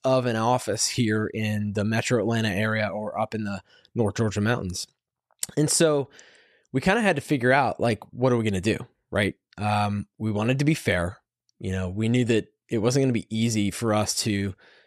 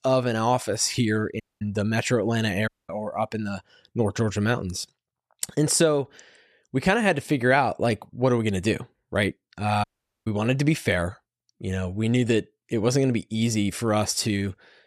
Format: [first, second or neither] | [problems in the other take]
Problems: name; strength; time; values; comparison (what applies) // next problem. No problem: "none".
first | audio cutting out; at 1.5 s, at 2.5 s and at 10 s